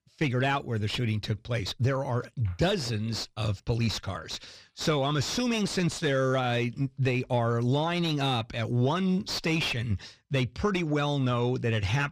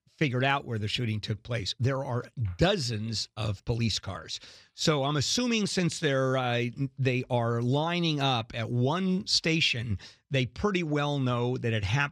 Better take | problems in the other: second | distortion; slight; 10 dB below the speech

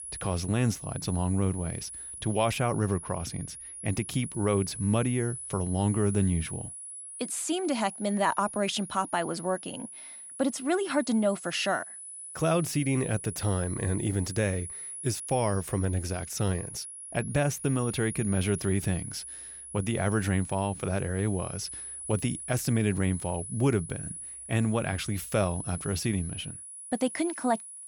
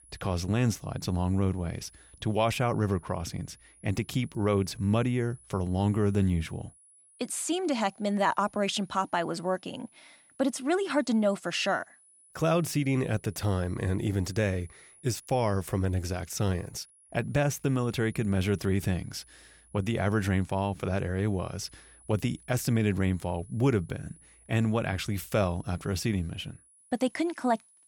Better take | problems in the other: second | high-pitched whine; loud; throughout; 10.5 kHz, 9 dB below the speech; faint in the second

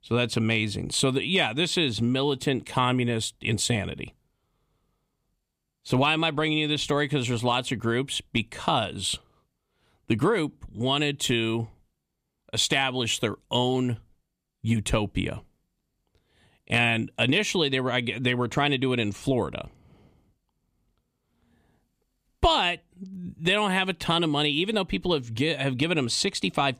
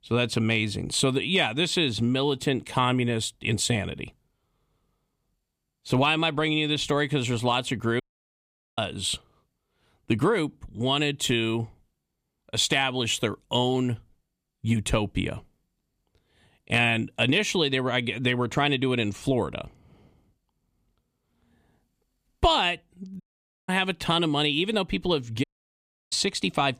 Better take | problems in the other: first | audio cutting out; at 8 s for 1 s, at 23 s and at 25 s for 0.5 s

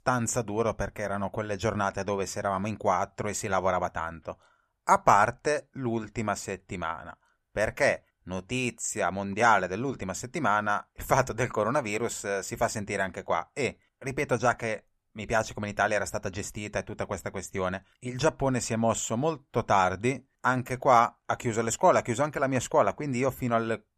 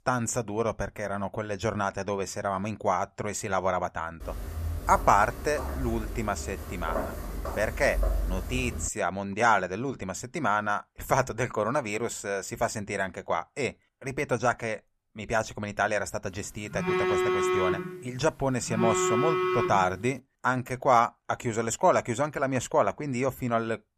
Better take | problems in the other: first | footsteps; noticeable; from 4 to 9 s; peak 1 dB below the speech // phone ringing; loud; from 17 to 20 s; peak 3 dB above the speech

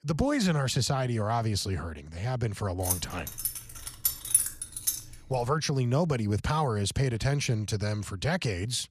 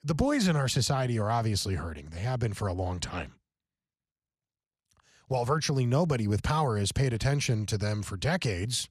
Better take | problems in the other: second | jangling keys; loud; from 3 to 5 s; peak 6 dB above the speech

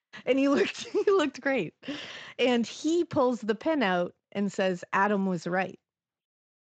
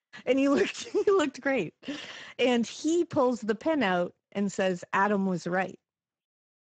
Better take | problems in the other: first | garbled, watery; badly; nothing above 7.5 kHz; slightly in the first

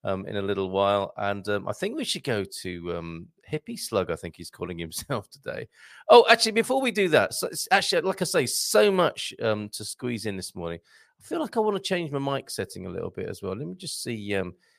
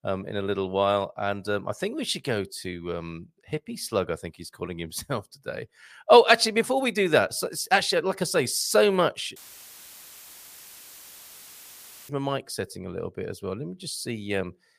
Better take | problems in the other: first | audio cutting out; filled with static; at 9.5 s for 2.5 s

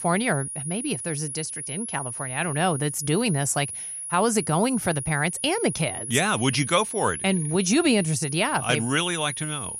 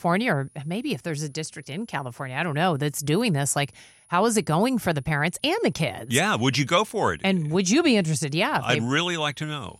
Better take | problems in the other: second | high-pitched whine; loud; throughout; 10.5 kHz, 6 dB below the speech; faint in the second

